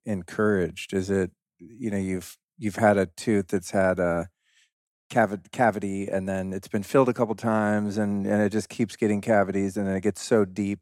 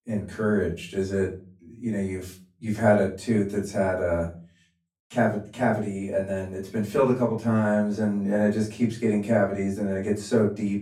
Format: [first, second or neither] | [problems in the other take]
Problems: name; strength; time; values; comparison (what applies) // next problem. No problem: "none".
first | off-mic speech; far // room echo; slight; dies away in 0.4 s